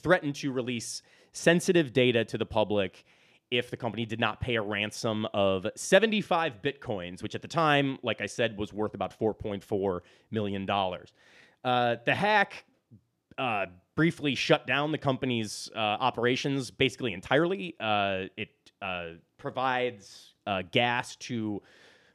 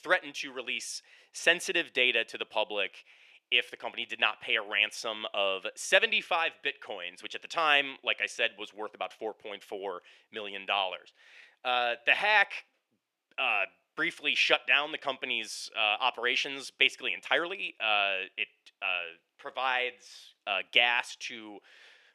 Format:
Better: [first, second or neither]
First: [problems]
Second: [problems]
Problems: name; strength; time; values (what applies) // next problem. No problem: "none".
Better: first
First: none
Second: thin; very; fading below 600 Hz